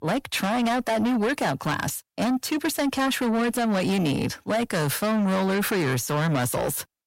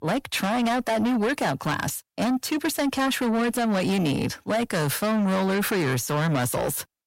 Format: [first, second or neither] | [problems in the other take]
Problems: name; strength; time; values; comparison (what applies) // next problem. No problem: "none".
neither | distortion; heavy; 7 dB below the speech; the same in both